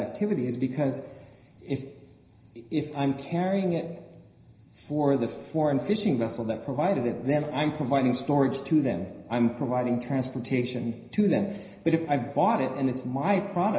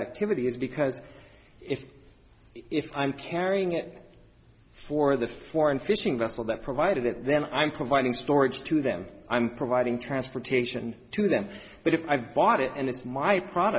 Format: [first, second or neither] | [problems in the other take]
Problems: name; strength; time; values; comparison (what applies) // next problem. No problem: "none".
second | room echo; dies away in 0.9 s